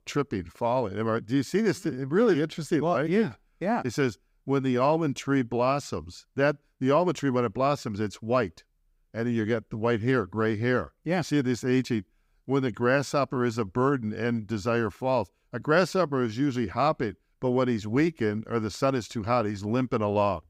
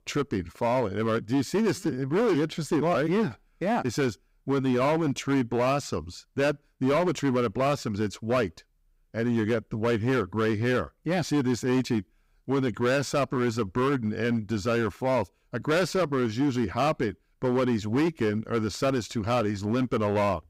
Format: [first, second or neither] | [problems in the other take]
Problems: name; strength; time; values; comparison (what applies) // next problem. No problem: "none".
first | distortion; slight; 12% of the sound clipped